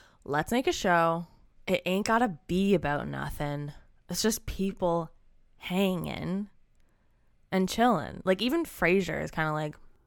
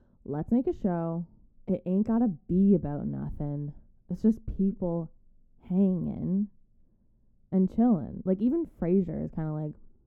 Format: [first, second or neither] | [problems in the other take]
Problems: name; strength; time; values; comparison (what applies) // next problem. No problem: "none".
first | muffled; very; fading above 1 kHz